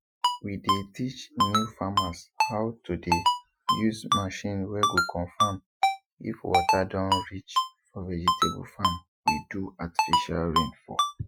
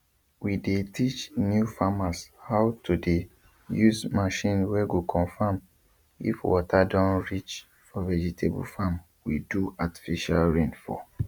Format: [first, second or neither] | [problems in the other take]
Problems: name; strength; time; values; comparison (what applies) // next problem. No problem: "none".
second | noise reduction (classical method Wiener filter)